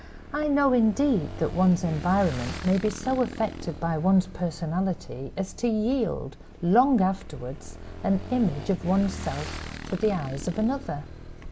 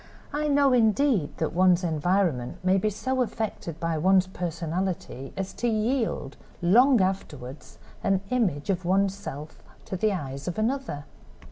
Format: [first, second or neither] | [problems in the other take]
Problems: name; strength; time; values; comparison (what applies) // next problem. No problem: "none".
second | background sound (Motorcycle / Engine); 14 dB below the speech